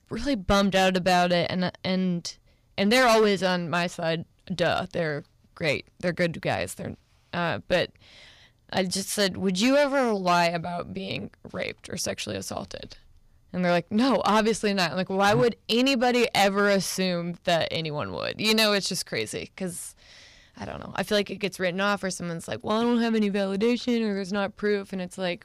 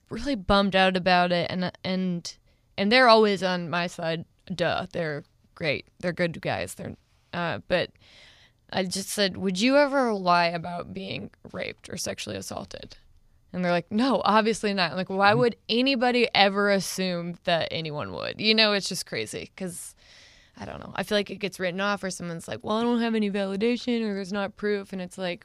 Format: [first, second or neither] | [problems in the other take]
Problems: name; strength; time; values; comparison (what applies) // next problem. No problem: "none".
second | distortion; slight; 4% of the sound clipped